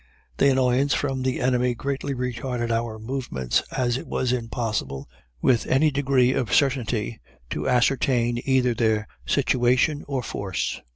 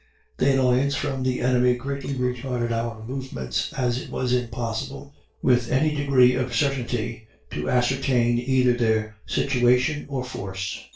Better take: first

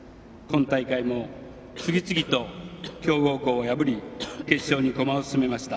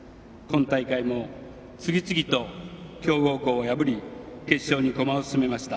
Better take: second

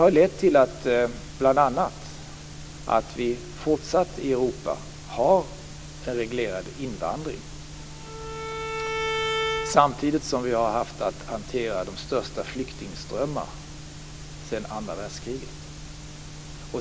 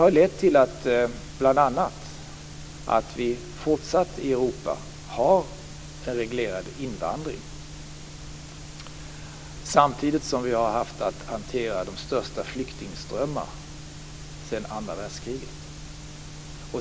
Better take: second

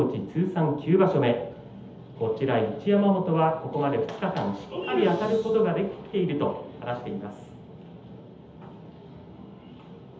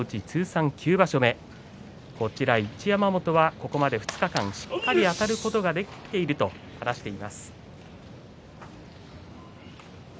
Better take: second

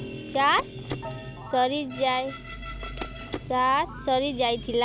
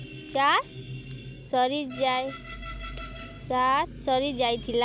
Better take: second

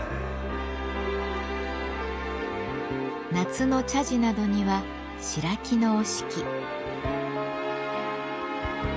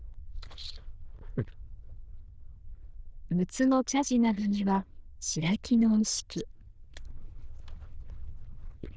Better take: first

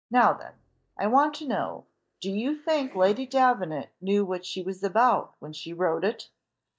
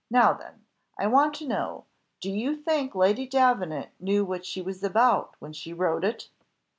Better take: second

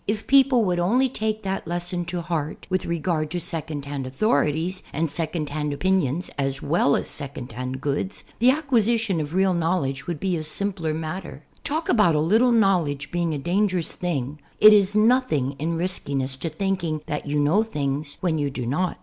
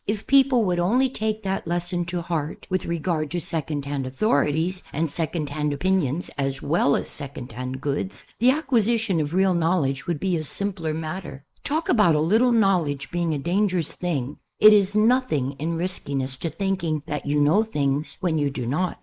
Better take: first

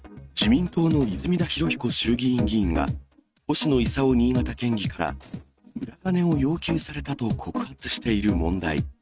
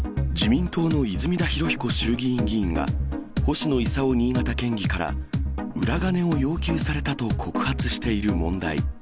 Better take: second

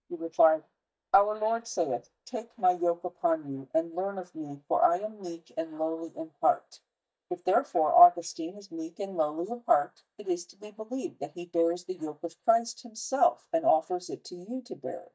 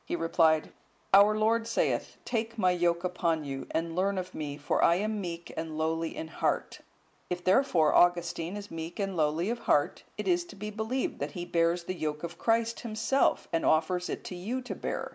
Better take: second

